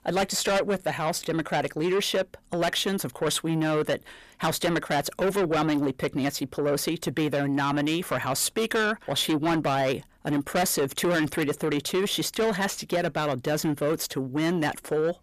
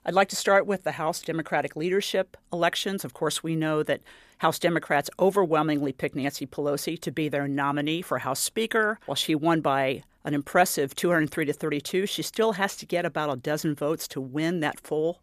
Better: second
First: distortion; heavy; 7 dB below the speech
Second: none

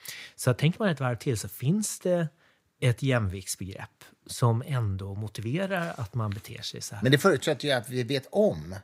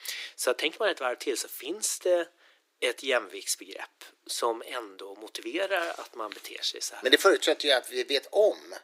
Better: first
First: none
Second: thin; very; fading below 300 Hz

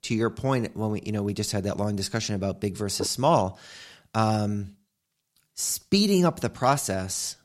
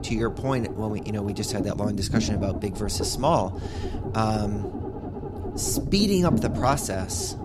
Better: first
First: none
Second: low rumble; loud; throughout; 9 dB below the speech

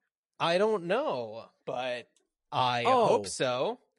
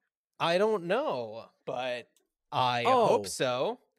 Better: second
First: garbled, watery; slightly; nothing above 11 kHz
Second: none

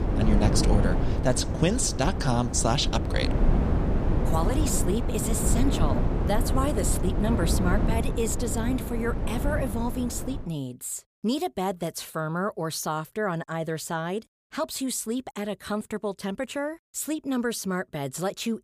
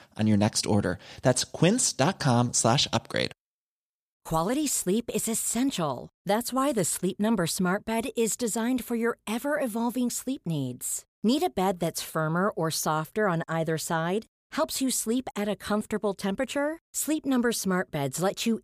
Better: second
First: wind noise on the microphone; heavy; until 10 s; 4 dB below the speech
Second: none

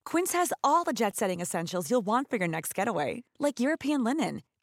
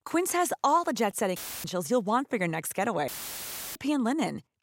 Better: first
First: none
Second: audio cutting out; filled with static; at 1.5 s and at 3 s for 0.5 s

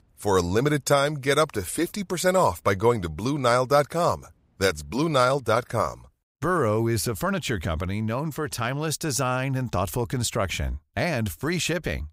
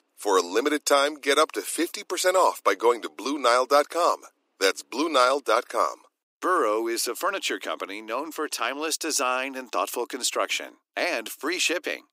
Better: first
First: none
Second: thin; somewhat; fading below 300 Hz

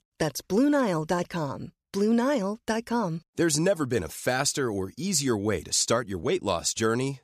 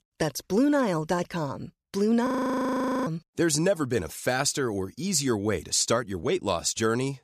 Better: first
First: none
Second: audio freezing; at 2.5 s for 1 s

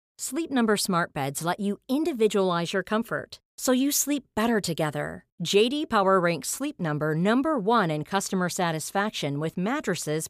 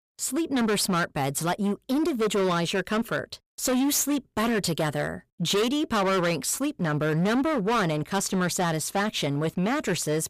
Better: first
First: none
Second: distortion; heavy; 18% of the sound clipped

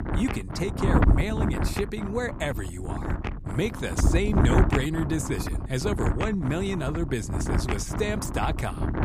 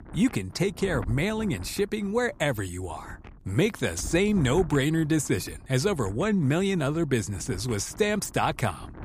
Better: second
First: wind noise on the microphone; heavy; 2 dB below the speech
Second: wind noise on the microphone; occasional gusts; 20 dB below the speech

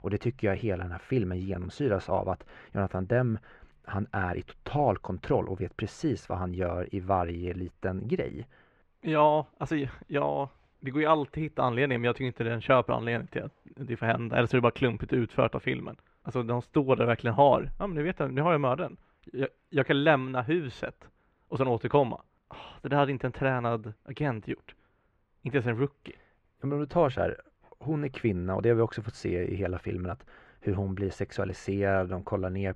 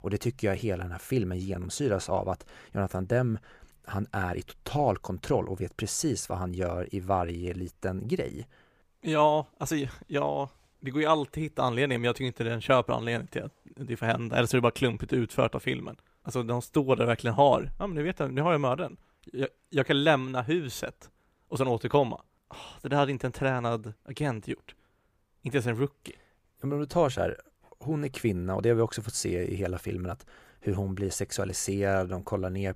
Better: second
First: muffled; very; fading above 2.5 kHz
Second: none

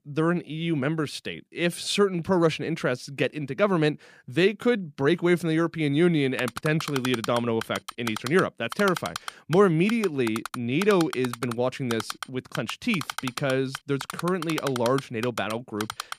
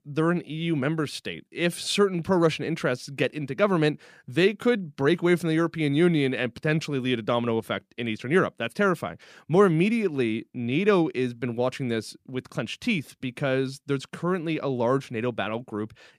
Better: second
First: keyboard typing; noticeable; from 6.5 s on; peak 7 dB below the speech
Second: none

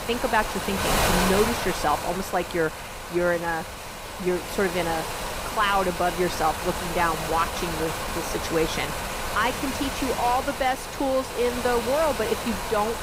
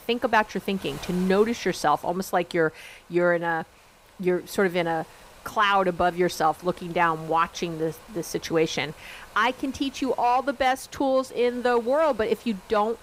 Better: second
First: wind noise on the microphone; heavy; 3 dB below the speech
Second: wind noise on the microphone; occasional gusts; 25 dB below the speech

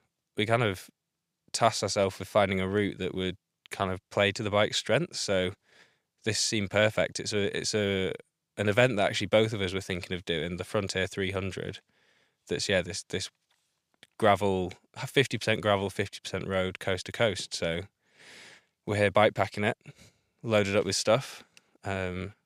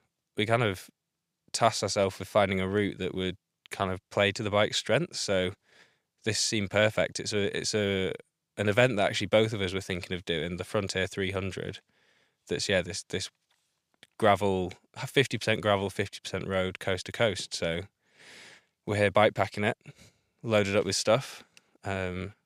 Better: neither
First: none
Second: none

